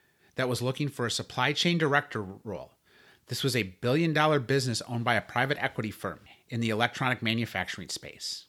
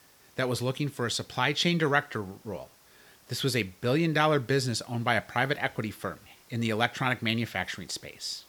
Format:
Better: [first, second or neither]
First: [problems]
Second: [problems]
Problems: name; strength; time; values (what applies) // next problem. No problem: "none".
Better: first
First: none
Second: hiss; faint; throughout; 30 dB below the speech